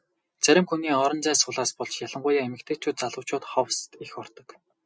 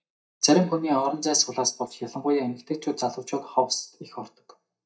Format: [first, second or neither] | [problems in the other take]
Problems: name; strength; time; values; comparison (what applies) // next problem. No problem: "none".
first | noise reduction (neural mask model DeepFilterNet 3)